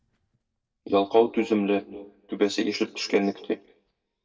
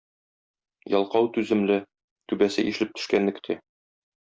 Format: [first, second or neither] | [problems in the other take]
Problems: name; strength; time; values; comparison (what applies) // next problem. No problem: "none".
second | noise reduction (neural mask model DeepFilterNet 3)